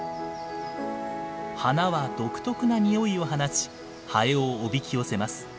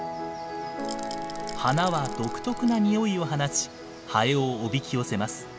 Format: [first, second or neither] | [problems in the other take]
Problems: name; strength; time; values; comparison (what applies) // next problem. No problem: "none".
first | background sound (Rattle / Rattle (instrument)); 13 dB below the speech